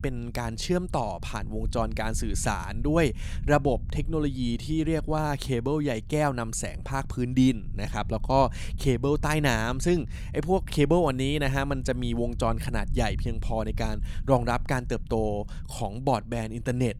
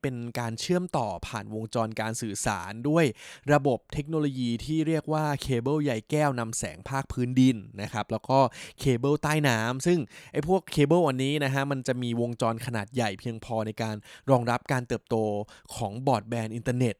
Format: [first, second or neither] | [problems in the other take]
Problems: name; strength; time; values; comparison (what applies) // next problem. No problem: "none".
second | low rumble; faint; throughout; 25 dB below the speech